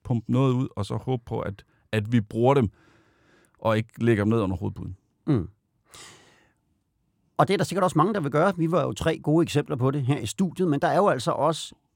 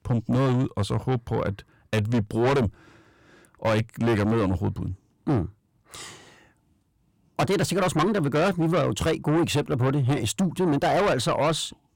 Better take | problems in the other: first | distortion; heavy; 7 dB below the speech

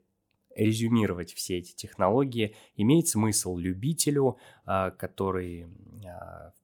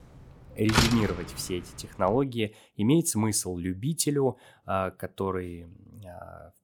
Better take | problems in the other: first | door banging; loud; at 0.5 s; peak 4 dB above the speech

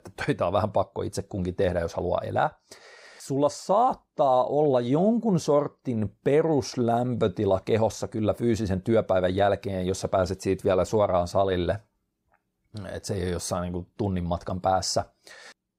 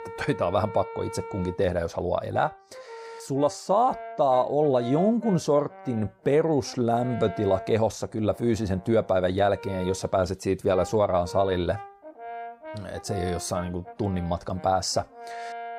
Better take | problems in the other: first | background music; noticeable; throughout; 15 dB below the speech

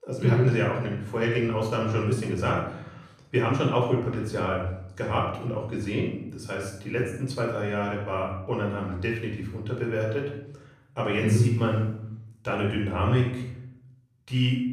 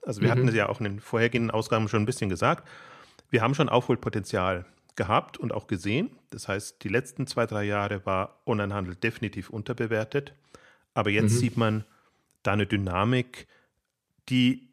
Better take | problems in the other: second | off-mic speech; far // room echo; noticeable; dies away in 0.7 s

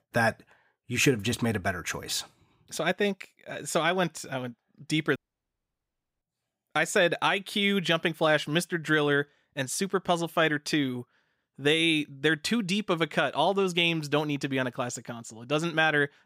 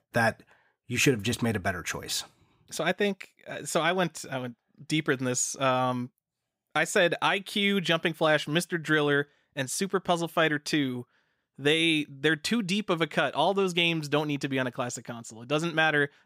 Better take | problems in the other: second | audio cutting out; at 5 s for 1 s

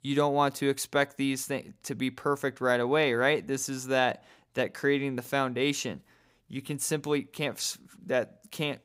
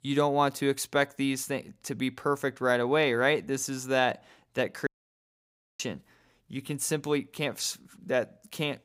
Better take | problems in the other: first | audio cutting out; at 5 s for 1 s

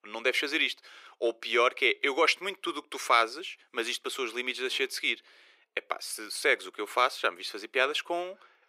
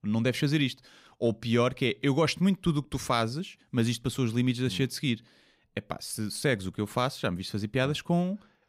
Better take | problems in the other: second | thin; very; fading below 350 Hz

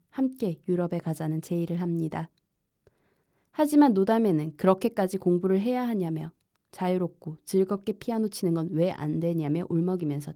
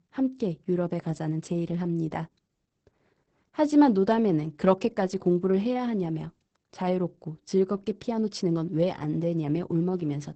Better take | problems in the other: first | garbled, watery; badly; nothing above 8 kHz; slightly in the first

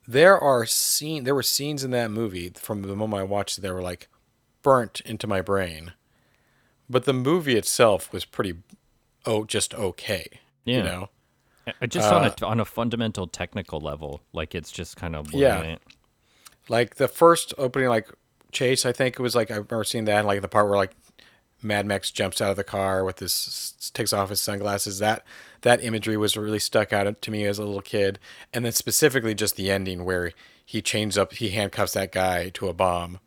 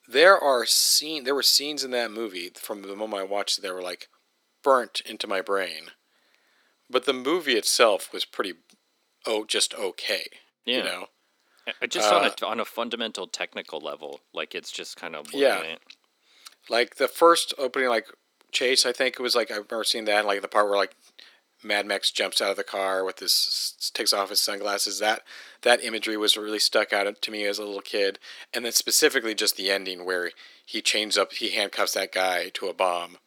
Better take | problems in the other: first | thin; somewhat; fading below 300 Hz

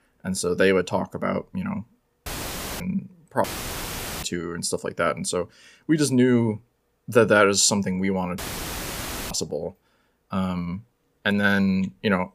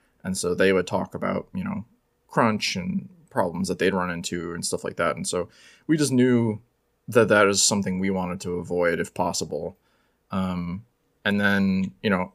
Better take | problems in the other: second | audio cutting out; filled with static; at 2.5 s for 0.5 s, at 3.5 s for 1 s and at 8.5 s for 1 s

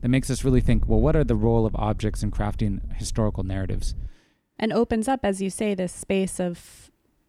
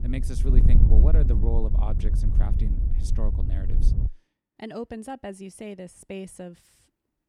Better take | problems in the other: first | wind noise on the microphone; heavy; until 4 s; 3 dB below the speech; occasional gusts in the first

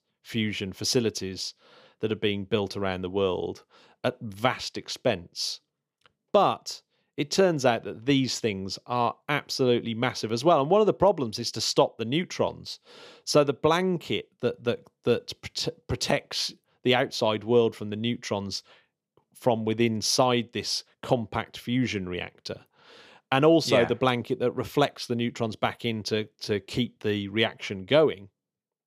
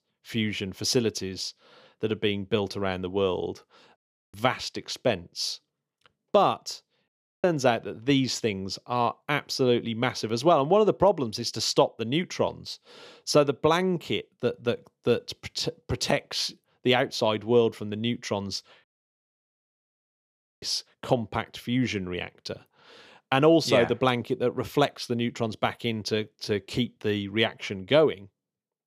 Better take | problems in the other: first | audio cutting out; at 4 s, at 7 s and at 19 s for 2 s

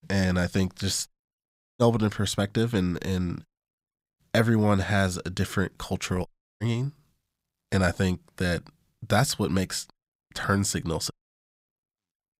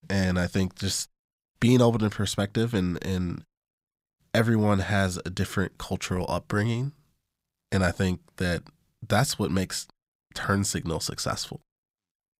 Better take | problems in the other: second | audio cutting out; at 1.5 s, at 6.5 s and at 11 s for 0.5 s

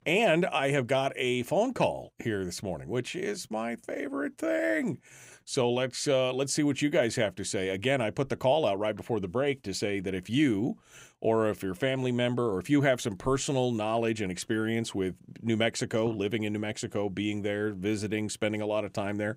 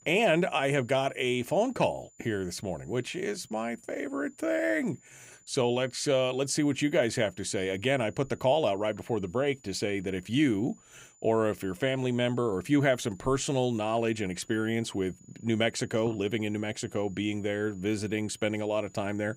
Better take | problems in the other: first | high-pitched whine; faint; throughout; 7 kHz, 30 dB below the speech

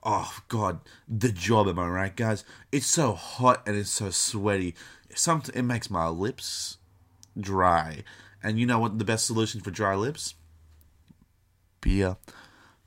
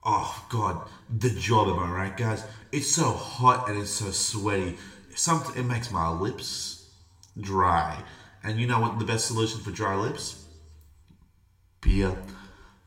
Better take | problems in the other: first | room echo; slight; dies away in 0.6 s // off-mic speech; somewhat distant

